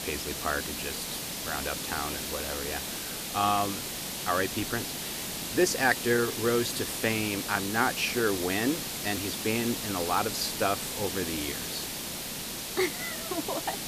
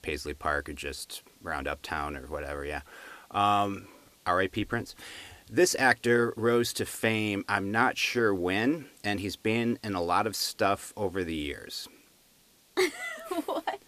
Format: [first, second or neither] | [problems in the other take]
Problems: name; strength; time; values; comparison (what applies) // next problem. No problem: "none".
second | hiss; loud; throughout; 3 dB below the speech; faint in the second